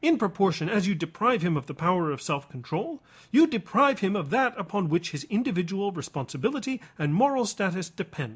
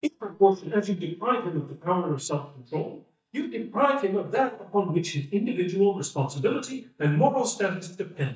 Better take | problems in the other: first | noise reduction (neural mask model DeepFilterNet 3)

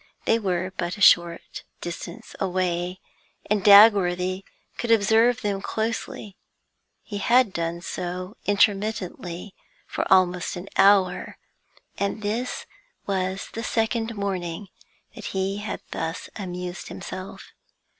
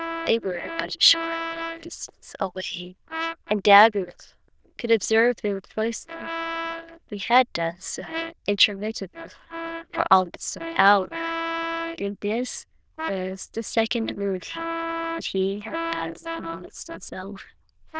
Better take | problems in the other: first | noise reduction (neural diffusion model UNIVERSE++)

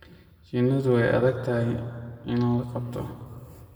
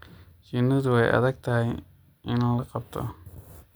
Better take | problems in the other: second | room echo; dies away in 1.6 s

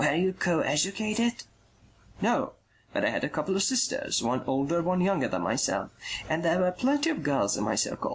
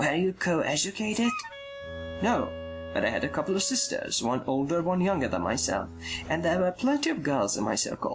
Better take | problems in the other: first | background sound (Bowed string instrument + Wind instrument, woodwind instrument); 12 dB below the speech

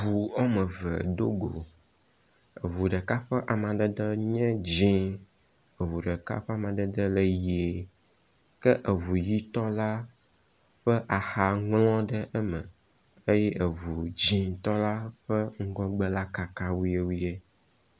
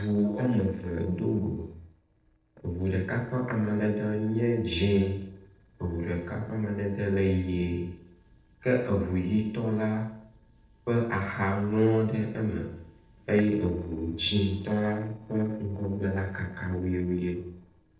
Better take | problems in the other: first | noise reduction (neural separator model SepFormer DNS4)

